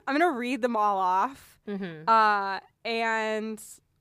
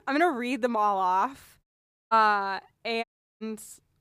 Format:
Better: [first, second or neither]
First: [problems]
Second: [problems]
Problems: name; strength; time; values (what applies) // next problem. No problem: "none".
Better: first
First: none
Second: audio cutting out; at 1.5 s and at 3 s